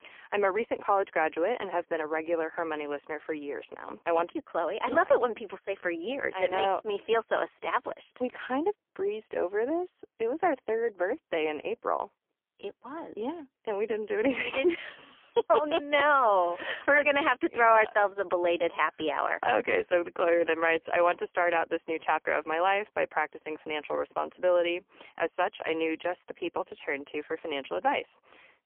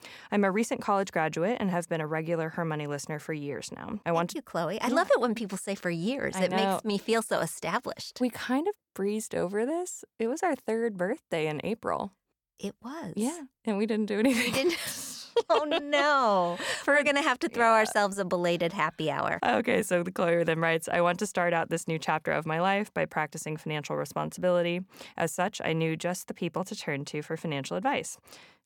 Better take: second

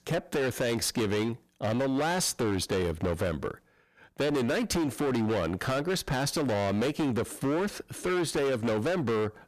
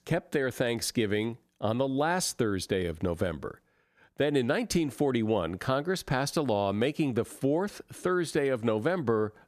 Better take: second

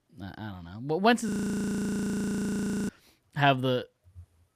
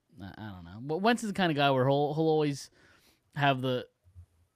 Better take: second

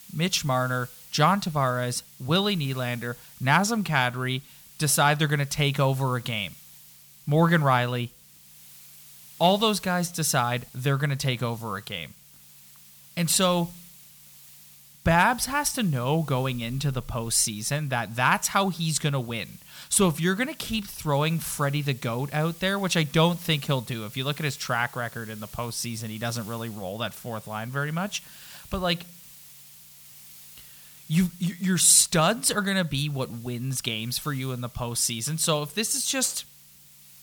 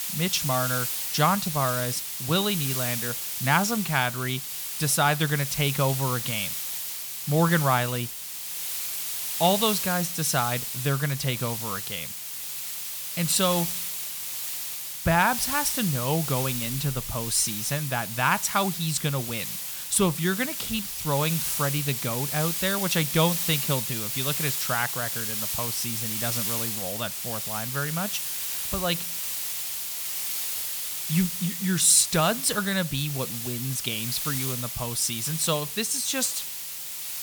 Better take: first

